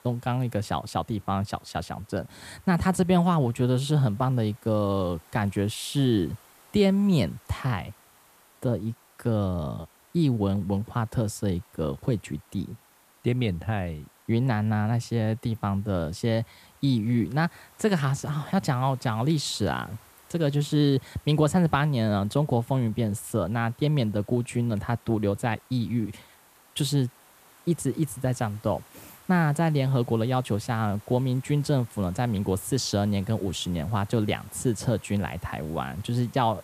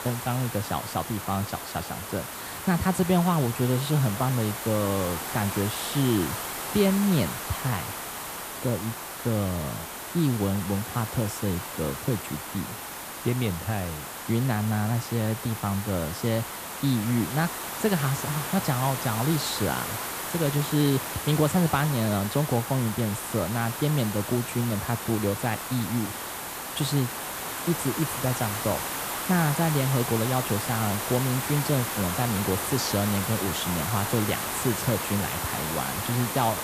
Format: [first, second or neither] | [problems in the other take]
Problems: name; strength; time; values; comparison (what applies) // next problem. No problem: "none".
first | hiss; loud; throughout; 4 dB below the speech; faint in the first